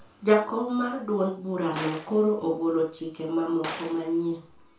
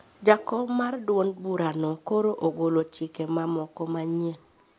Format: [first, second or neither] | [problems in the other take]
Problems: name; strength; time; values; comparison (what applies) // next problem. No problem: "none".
second | background sound (Gunshot, gunfire); 16 dB below the speech // room echo; dies away in 0.3 s